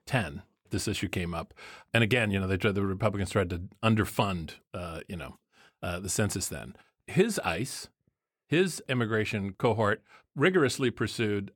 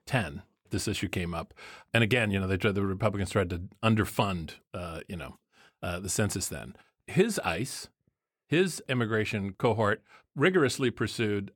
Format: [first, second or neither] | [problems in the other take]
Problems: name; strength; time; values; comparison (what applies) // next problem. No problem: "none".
neither | none